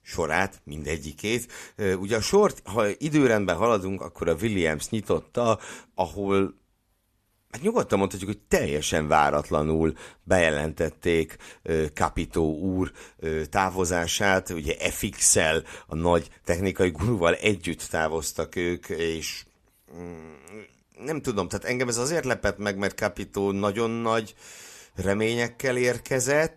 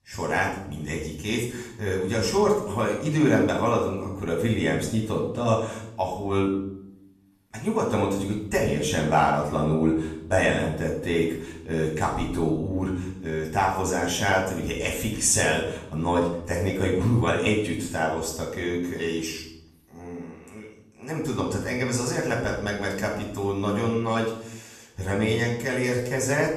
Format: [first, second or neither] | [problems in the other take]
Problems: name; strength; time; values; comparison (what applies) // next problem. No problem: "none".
first | off-mic speech; far // room echo; noticeable; dies away in 0.7 s